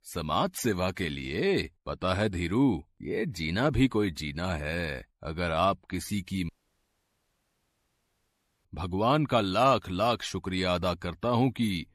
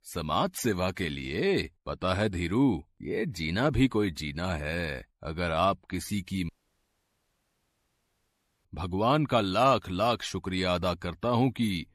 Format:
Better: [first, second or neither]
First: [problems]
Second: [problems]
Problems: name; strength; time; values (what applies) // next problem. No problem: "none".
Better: neither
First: audio cutting out; at 6.5 s for 2 s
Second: audio cutting out; at 6.5 s for 2 s